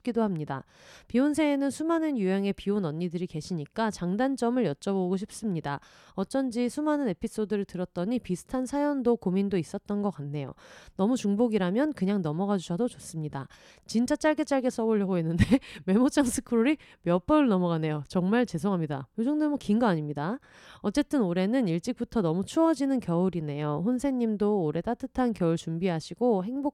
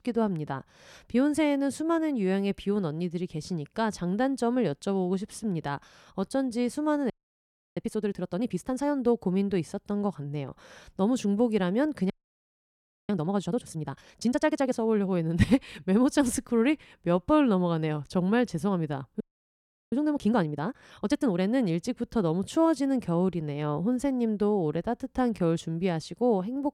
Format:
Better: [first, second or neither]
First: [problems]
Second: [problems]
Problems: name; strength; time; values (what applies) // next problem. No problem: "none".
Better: first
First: none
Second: audio freezing; at 7 s for 0.5 s, at 12 s for 1 s and at 19 s for 0.5 s